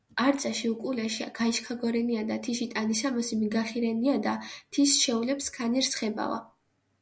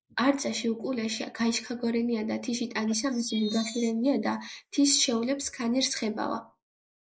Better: first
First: none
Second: noise reduction (neural mask model Resemble Enhance denoiser)

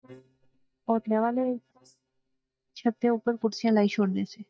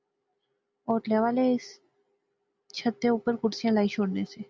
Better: second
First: noise reduction (neural mask model DeepFilterNet 3)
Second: none

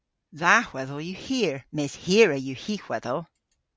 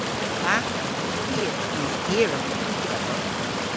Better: first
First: none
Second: background sound (Stream); 3 dB above the speech

